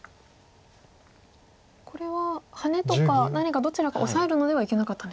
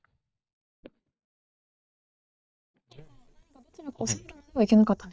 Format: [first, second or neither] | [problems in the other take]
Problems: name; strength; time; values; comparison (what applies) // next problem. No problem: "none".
first | noise reduction (neural mask model DeepFilterNet 3)